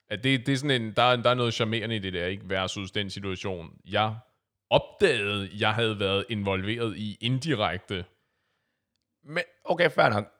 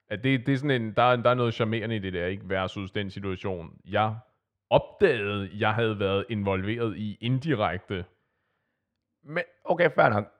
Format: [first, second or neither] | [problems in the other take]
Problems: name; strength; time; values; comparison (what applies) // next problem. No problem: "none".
first | muffled; slightly; fading above 3.5 kHz